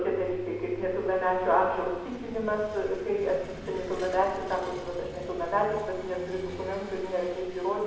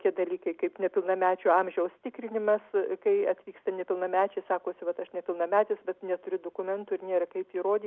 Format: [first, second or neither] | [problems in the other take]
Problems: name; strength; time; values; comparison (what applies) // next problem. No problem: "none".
second | background sound (Engine / Vehicle); 14 dB below the speech // room echo; dies away in 1 s